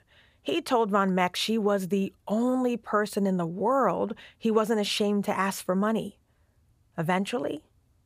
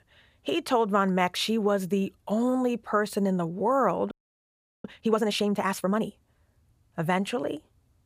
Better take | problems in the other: first | audio freezing; at 4 s for 0.5 s

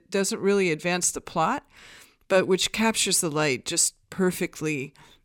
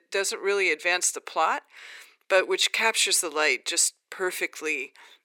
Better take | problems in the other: first | thin; very; fading below 400 Hz

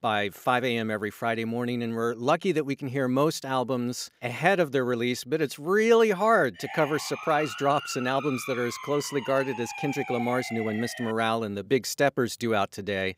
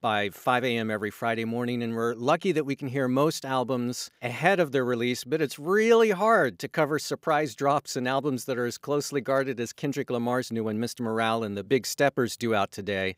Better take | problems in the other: second | siren; noticeable; from 6.5 to 11 s; peak 8 dB below the speech

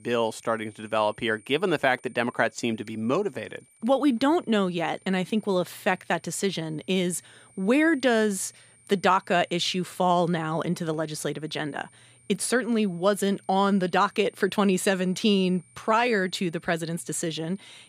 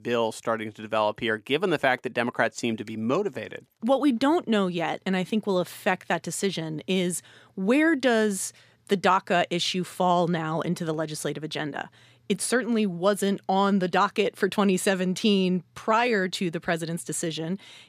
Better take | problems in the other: second | high-pitched whine; faint; throughout; 9 kHz, 30 dB below the speech

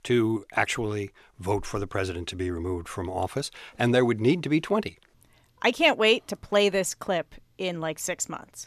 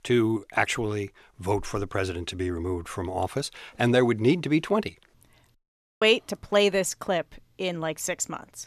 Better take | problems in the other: first | audio cutting out; at 5.5 s

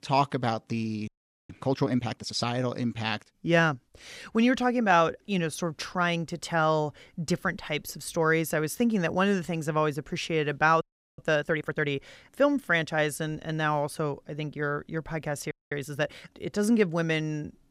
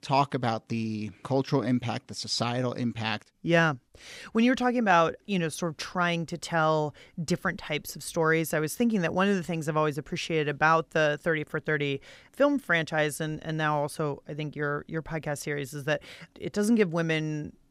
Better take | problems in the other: second | audio freezing; at 1 s, at 11 s and at 16 s

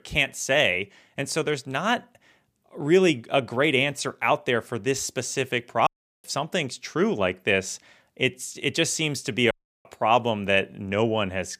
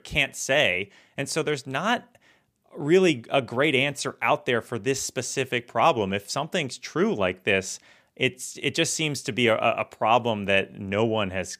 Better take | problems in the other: second | audio cutting out; at 6 s and at 9.5 s

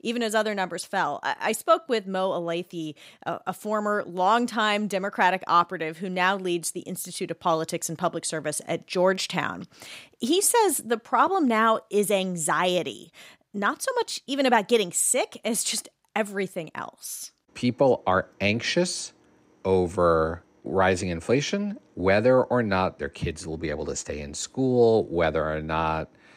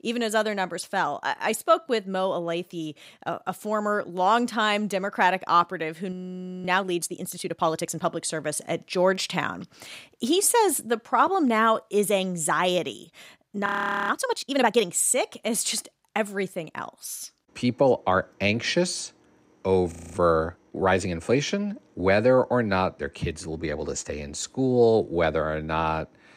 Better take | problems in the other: first | audio freezing; at 6 s for 0.5 s, at 14 s and at 20 s

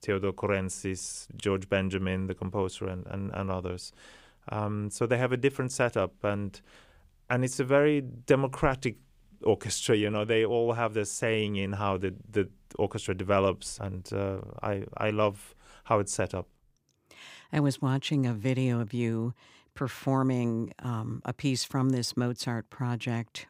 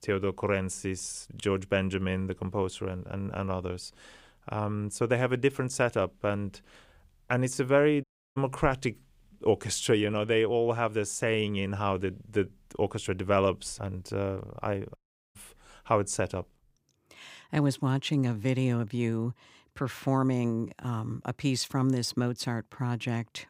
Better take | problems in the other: first | audio cutting out; at 8 s and at 15 s

